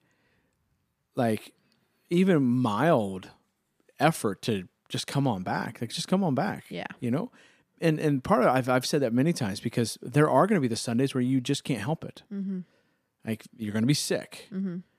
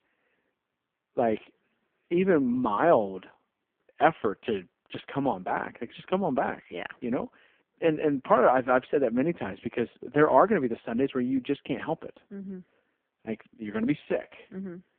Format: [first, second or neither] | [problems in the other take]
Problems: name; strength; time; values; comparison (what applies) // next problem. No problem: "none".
first | phone-call audio; poor line